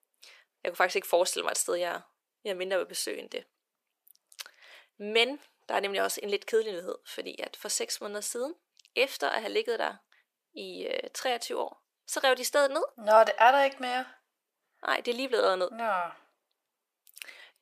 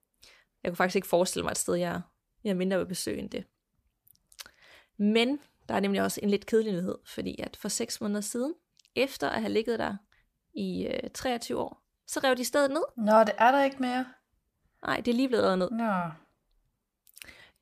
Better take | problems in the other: second | thin; very; fading below 400 Hz

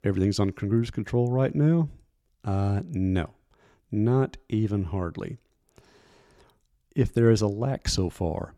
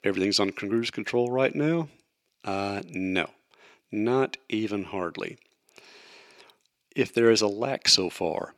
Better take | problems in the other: first | thin; somewhat; fading below 350 Hz

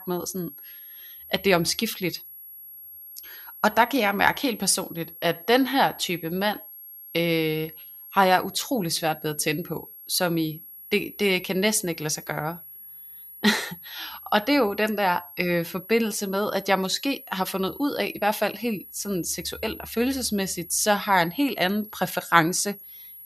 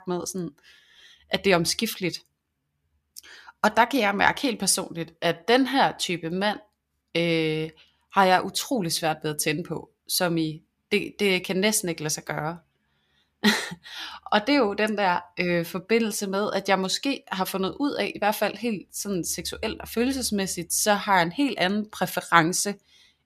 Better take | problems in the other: second | high-pitched whine; noticeable; throughout; 11.5 kHz, 15 dB below the speech

